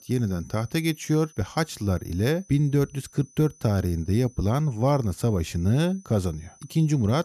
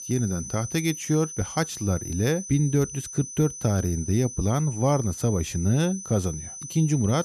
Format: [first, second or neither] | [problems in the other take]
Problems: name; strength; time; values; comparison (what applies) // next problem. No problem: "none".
first | high-pitched whine; loud; throughout; 6 kHz, 10 dB below the speech; faint in the first